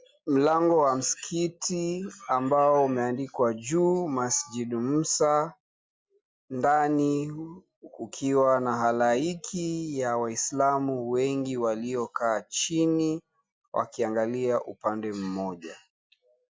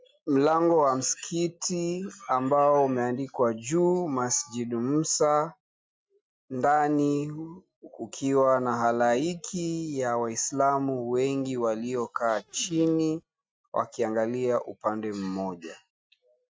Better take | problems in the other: first | noise reduction (neural mask model RNNoise)

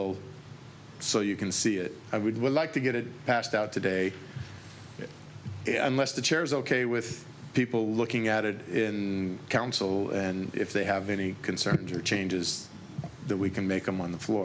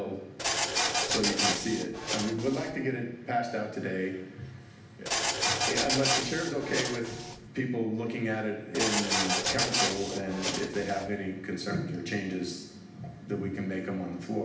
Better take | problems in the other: first | background sound (Printer); 2 dB above the speech // room echo; dies away in 0.8 s

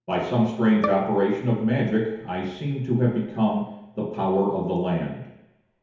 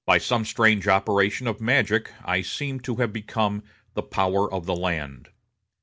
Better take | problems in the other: second | background sound (Bowed string instrument); 11 dB below the speech // room echo; dies away in 1 s

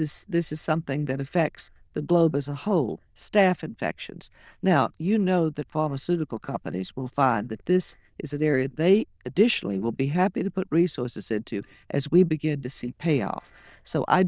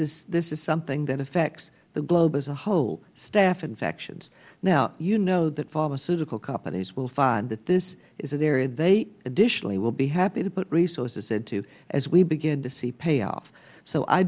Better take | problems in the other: second | noise reduction (neural diffusion model UNIVERSE++)

